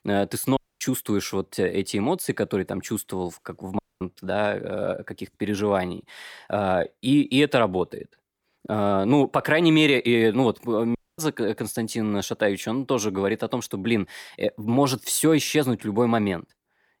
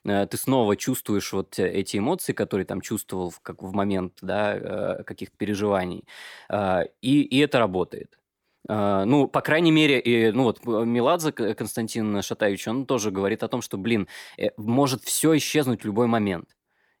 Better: second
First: audio cutting out; at 0.5 s, at 4 s and at 11 s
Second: none

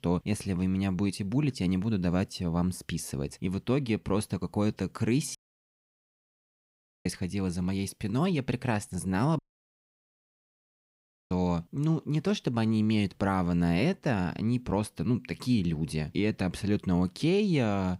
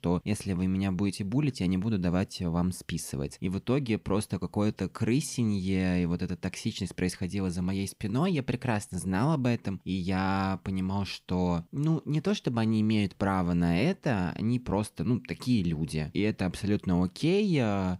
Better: second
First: audio cutting out; at 5.5 s for 1.5 s and at 9.5 s for 2 s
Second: none

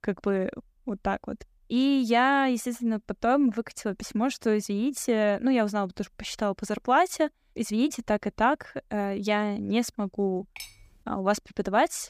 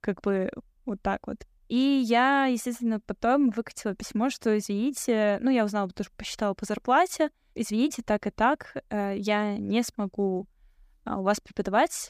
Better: second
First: clattering dishes; faint; at 11 s; peak 15 dB below the speech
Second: none

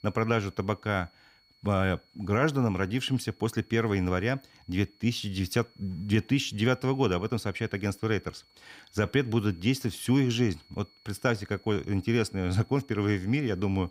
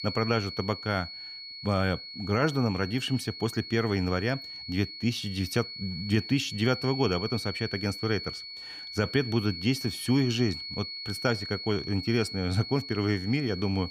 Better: first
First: high-pitched whine; faint; throughout; 4.5 kHz, 30 dB below the speech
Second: high-pitched whine; loud; throughout; 4.5 kHz, 8 dB below the speech

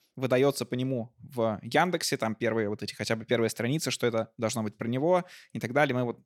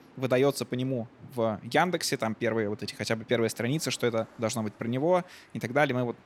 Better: first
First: none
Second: train or aircraft noise; faint; throughout; 25 dB below the speech

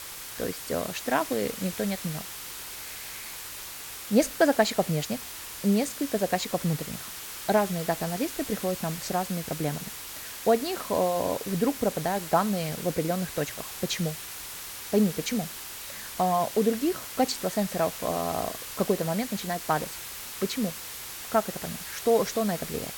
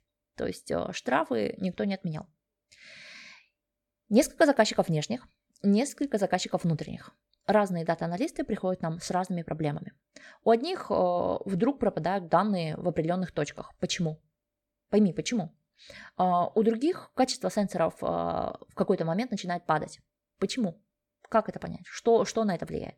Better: second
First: hiss; loud; throughout; 8 dB below the speech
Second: none

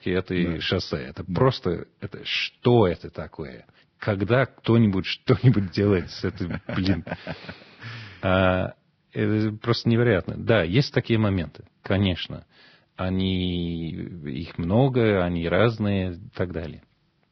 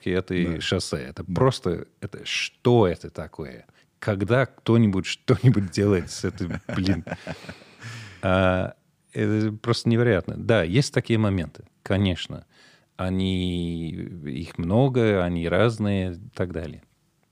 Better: second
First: garbled, watery; badly; nothing above 5.5 kHz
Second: none

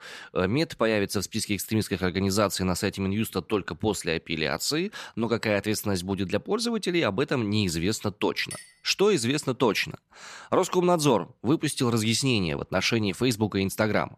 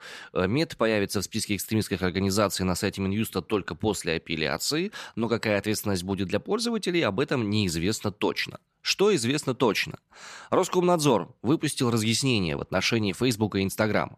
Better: second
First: clattering dishes; faint; at 8.5 s; peak 15 dB below the speech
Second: none

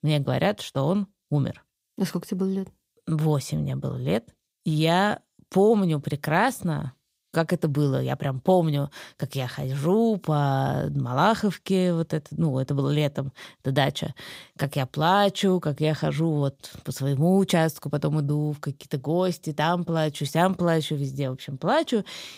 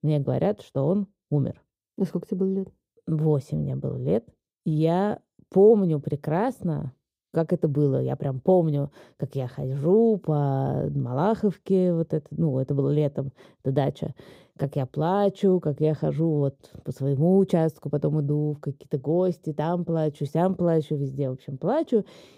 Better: first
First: none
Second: muffled; slightly; fading above 1 kHz

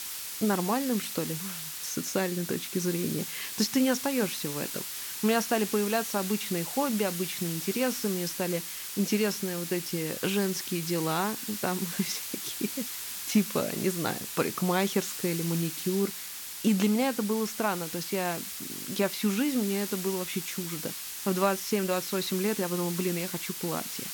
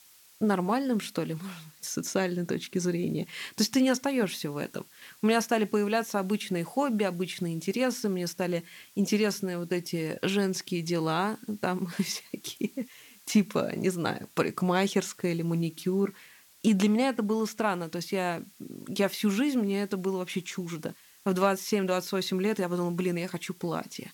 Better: second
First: hiss; loud; throughout; 5 dB below the speech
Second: hiss; faint; throughout; 25 dB below the speech

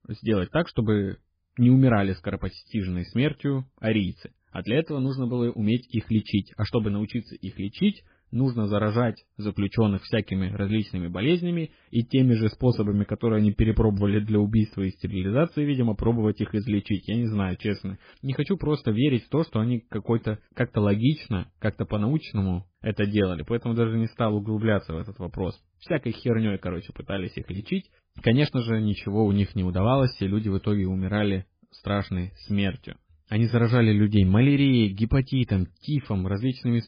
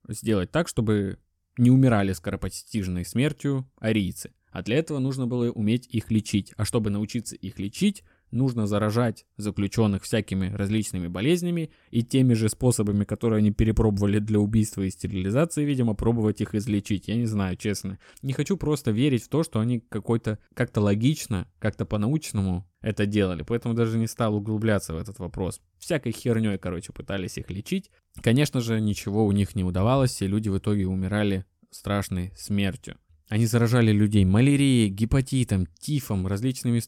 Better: second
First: garbled, watery; badly; nothing above 5 kHz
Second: none

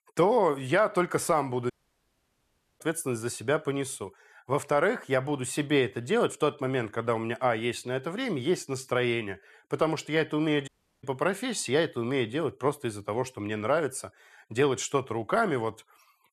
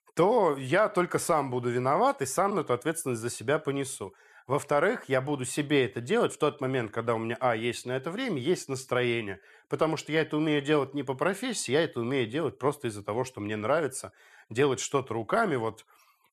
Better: second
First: audio cutting out; at 1.5 s for 1 s and at 11 s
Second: none

